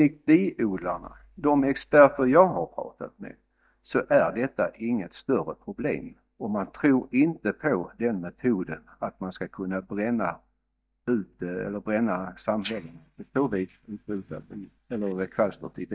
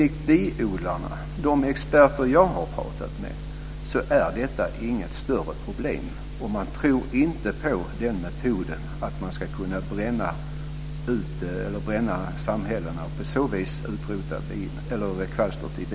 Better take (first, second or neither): second